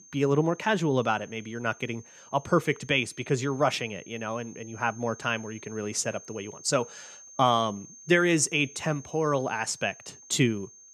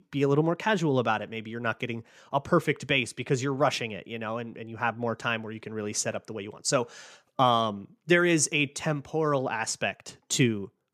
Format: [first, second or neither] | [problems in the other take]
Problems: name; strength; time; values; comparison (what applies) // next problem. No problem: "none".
second | high-pitched whine; noticeable; throughout; 6.5 kHz, 20 dB below the speech